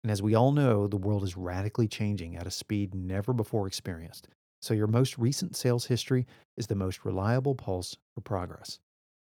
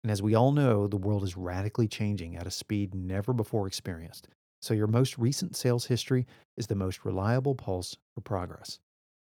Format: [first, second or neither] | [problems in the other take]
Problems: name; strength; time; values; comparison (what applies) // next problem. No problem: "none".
neither | none